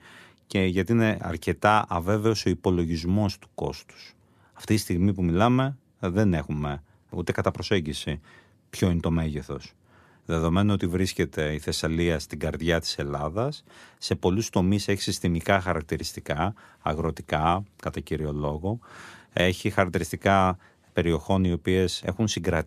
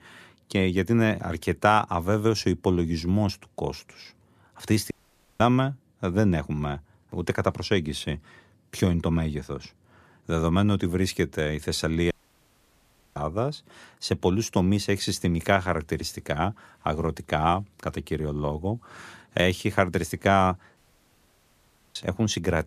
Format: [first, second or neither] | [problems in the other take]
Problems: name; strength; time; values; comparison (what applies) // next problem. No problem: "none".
first | audio cutting out; at 5 s, at 12 s for 1 s and at 21 s for 1 s